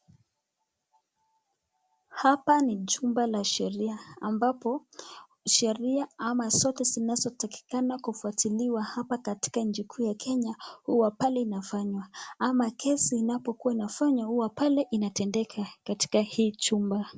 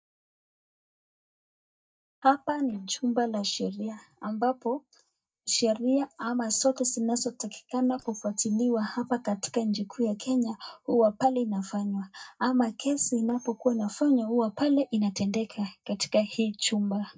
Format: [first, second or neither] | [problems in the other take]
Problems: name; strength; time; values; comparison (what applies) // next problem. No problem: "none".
first | noise reduction (neural mask model DeepFilterNet 3)